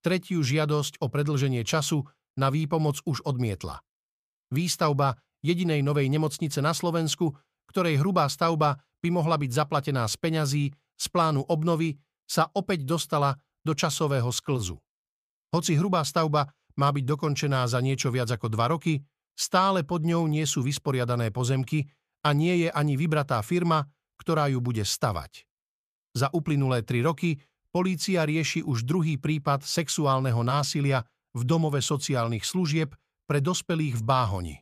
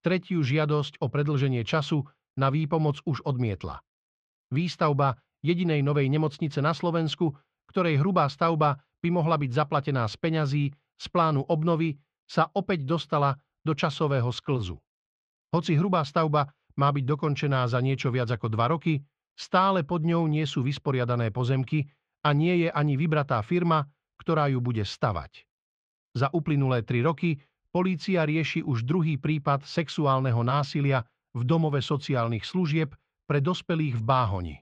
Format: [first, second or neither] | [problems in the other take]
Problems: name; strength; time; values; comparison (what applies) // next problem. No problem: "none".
first | muffled; slightly; fading above 3.5 kHz